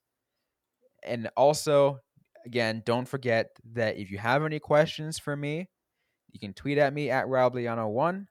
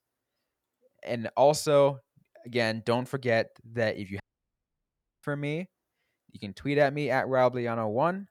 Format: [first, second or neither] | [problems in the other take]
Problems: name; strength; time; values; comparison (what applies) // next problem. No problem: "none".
first | audio cutting out; at 4 s for 1 s